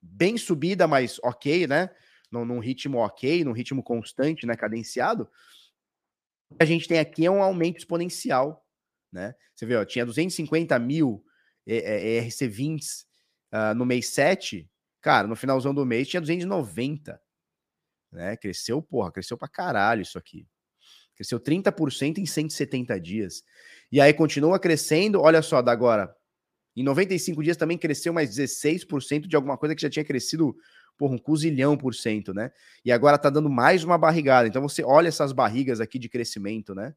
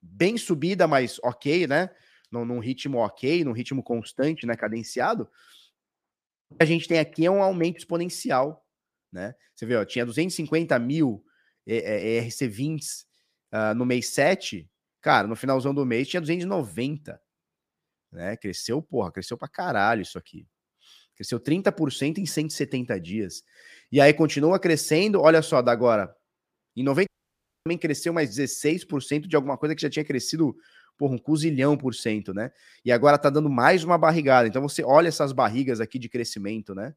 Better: first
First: none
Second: audio cutting out; at 27 s for 0.5 s

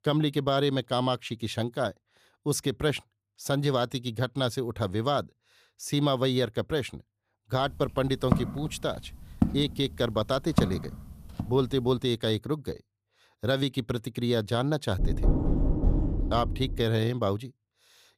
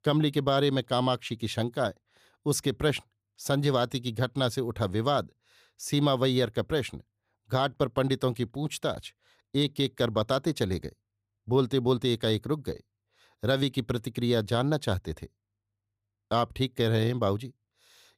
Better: second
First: footsteps; loud; from 8.5 to 11 s; peak level with the speech // door banging; loud; from 15 to 17 s; peak 2 dB above the speech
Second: none

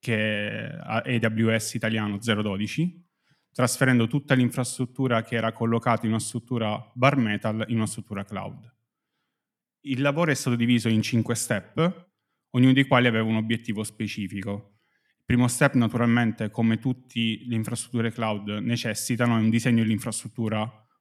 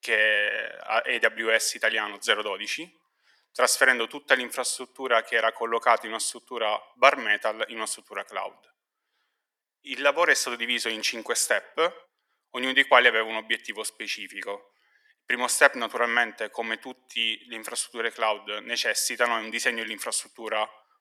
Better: first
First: none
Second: thin; very; fading below 450 Hz

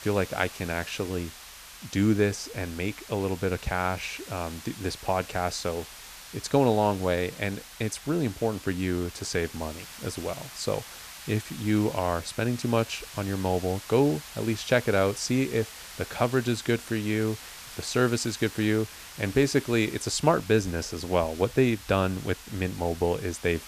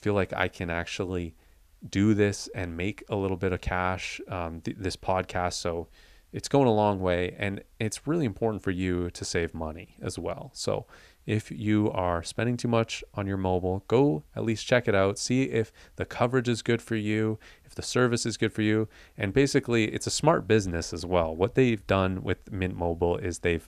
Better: second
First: hiss; noticeable; throughout; 15 dB below the speech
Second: none

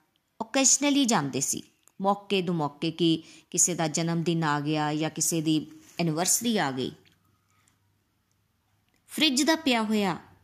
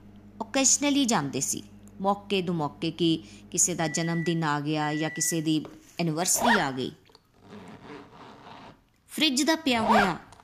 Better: first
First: none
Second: household noises; loud; throughout; 4 dB below the speech

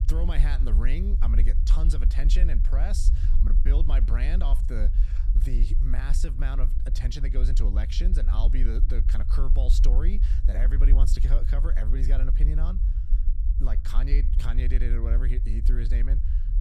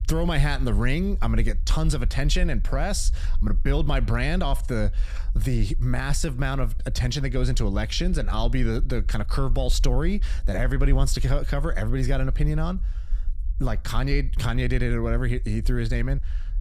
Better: second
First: low rumble; loud; throughout; 7 dB below the speech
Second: low rumble; faint; throughout; 25 dB below the speech

